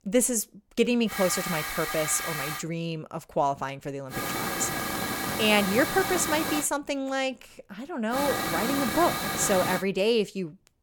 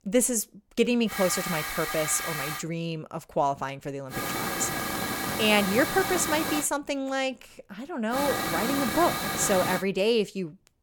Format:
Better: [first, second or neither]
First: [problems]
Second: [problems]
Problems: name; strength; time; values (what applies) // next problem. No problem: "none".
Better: neither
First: hiss; loud; from 1 to 2.5 s, from 4 to 6.5 s and from 8 to 10 s; 3 dB below the speech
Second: hiss; loud; from 1 to 2.5 s, from 4 to 6.5 s and from 8 to 10 s; 3 dB below the speech